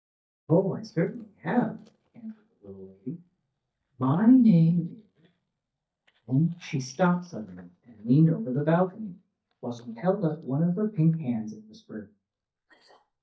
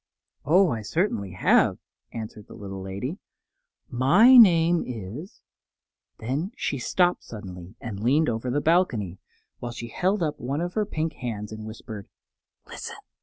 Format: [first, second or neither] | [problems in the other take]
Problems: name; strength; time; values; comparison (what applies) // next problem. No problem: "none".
second | noise reduction (neural mask model DeepFilterNet 3)